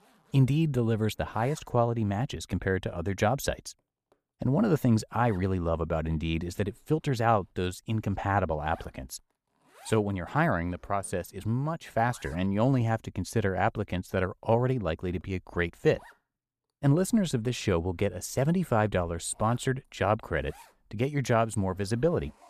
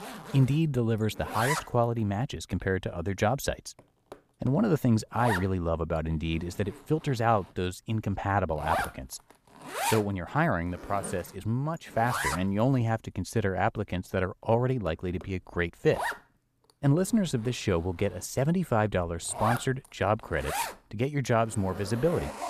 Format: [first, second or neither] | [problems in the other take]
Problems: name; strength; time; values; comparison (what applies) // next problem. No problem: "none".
first | household noises; loud; throughout; 6 dB below the speech; faint in the first